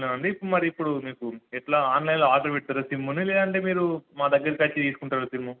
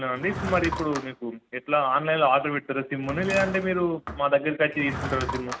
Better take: first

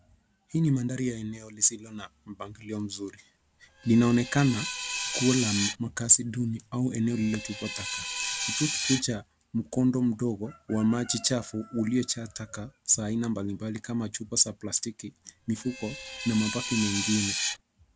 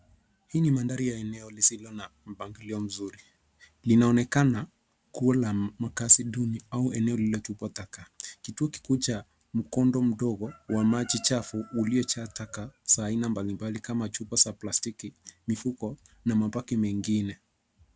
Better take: second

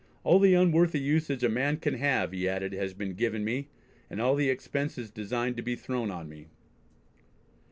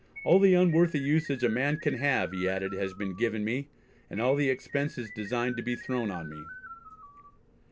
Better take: first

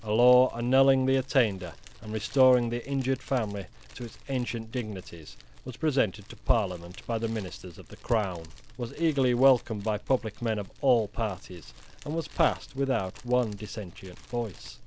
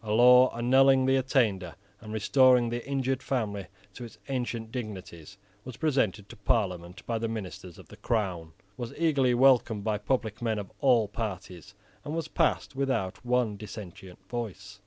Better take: second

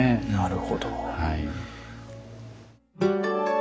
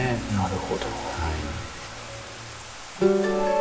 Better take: first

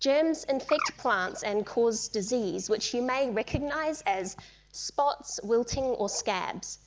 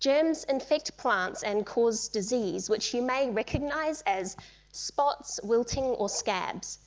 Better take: second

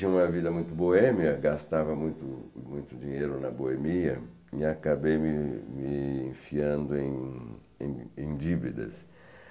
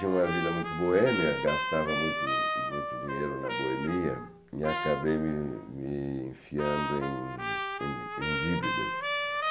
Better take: first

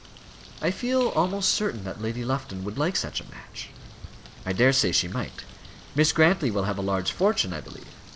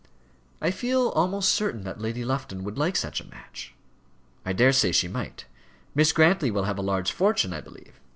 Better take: second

